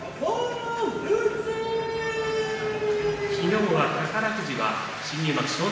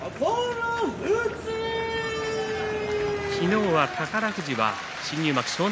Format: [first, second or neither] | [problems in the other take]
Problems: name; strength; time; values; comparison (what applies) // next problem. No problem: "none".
second | room echo; dies away in 1.2 s